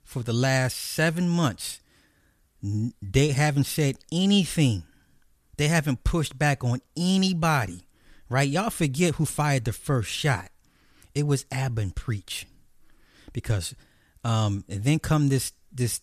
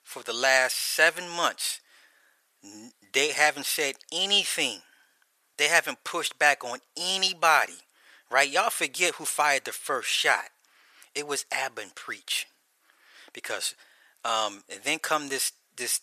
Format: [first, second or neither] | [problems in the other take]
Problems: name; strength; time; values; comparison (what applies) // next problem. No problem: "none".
first | thin; very; fading below 550 Hz